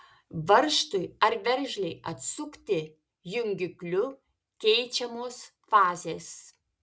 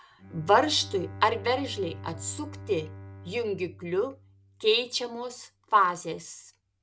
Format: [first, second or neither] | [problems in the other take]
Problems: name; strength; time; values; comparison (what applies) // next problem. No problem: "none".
first | background sound (Bowed string instrument); 16 dB below the speech